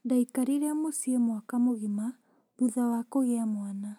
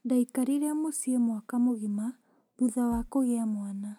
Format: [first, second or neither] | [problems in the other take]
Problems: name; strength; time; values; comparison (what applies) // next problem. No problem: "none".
first | background sound (Bass drum); 15 dB below the speech